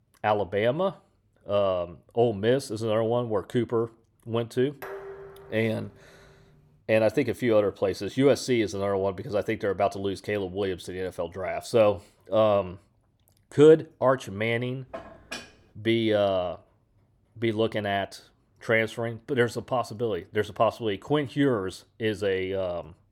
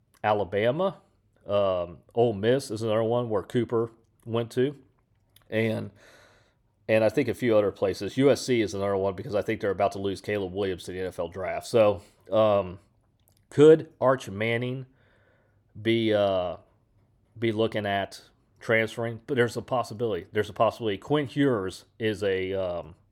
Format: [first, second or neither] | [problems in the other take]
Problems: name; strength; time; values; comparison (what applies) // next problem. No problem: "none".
second | clattering dishes; faint; from 5 to 6.5 s and at 15 s; peak 15 dB below the speech